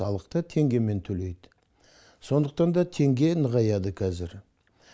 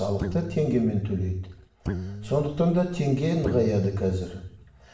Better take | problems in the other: first | background sound (Guitar); 10 dB below the speech // room echo; dies away in 0.7 s

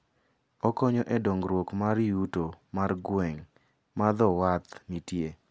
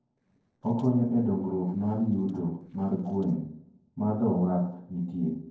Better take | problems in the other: first | noise reduction (neural separator model SepFormer DNS4)

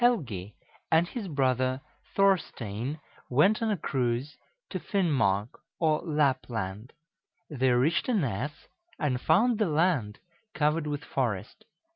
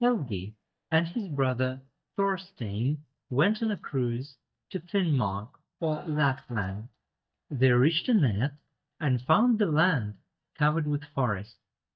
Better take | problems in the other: first | noise reduction (neural mask model DeepFilterNet 3)

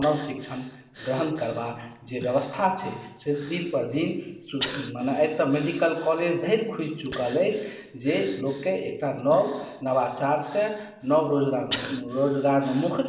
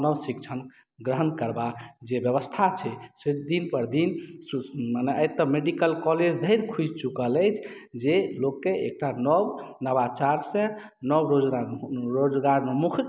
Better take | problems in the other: second | background sound (Breathing); 16 dB below the speech // room echo; dies away in 1 s

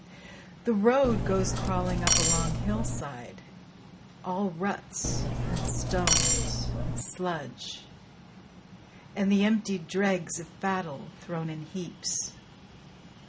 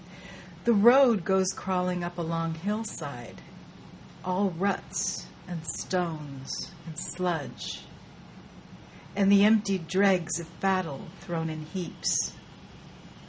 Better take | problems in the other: second | background sound (Cutlery, silverware); 4 dB above the speech

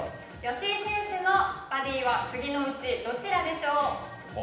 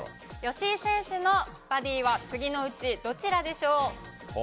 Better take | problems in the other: second | room echo; dies away in 0.9 s

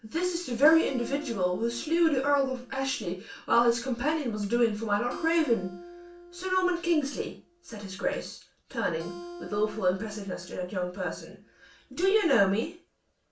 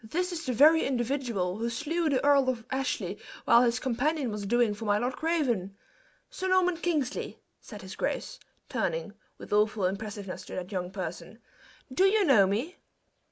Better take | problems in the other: second | background sound (Acoustic guitar); 17 dB below the speech // room echo; dies away in 0.3 s

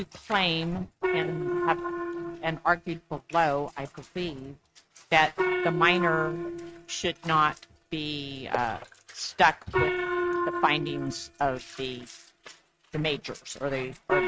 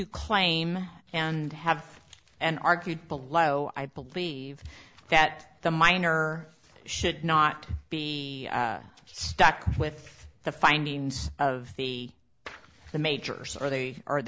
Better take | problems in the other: second | noise reduction (neural mask model RNNoise)

